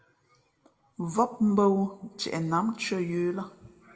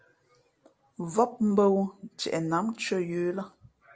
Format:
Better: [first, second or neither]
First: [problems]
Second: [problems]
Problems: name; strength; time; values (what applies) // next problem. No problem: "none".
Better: second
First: room echo; dies away in 1.6 s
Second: none